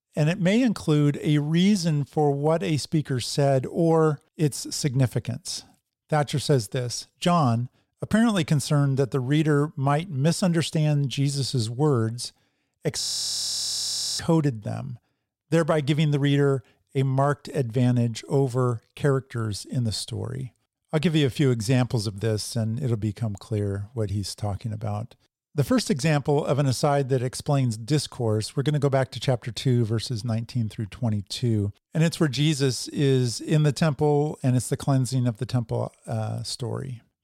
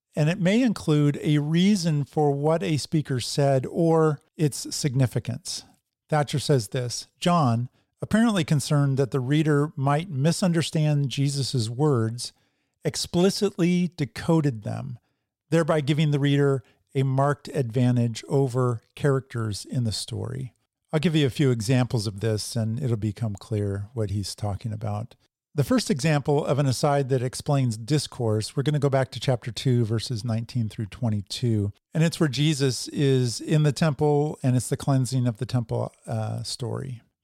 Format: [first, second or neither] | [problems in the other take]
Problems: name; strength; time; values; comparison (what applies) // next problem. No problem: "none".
second | audio freezing; at 13 s for 1 s